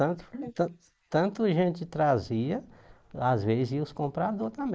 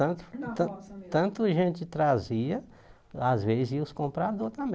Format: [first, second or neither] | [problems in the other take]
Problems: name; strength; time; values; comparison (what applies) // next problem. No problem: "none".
second | noise reduction (neural mask model Resemble Enhance denoiser)